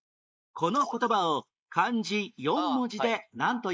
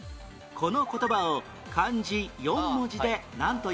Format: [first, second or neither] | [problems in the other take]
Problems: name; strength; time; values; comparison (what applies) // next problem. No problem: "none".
second | noise reduction (neural mask model Resemble Enhance denoiser)